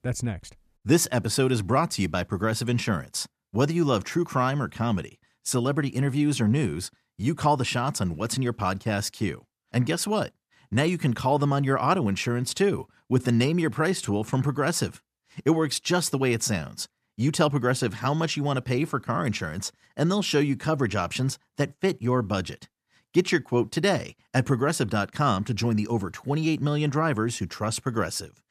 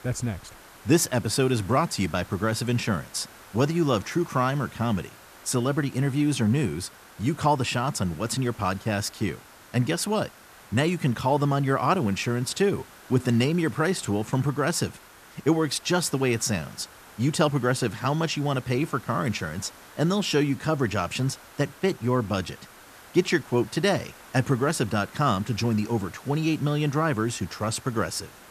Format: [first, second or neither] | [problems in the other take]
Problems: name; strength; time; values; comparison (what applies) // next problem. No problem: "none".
first | hiss; faint; throughout; 20 dB below the speech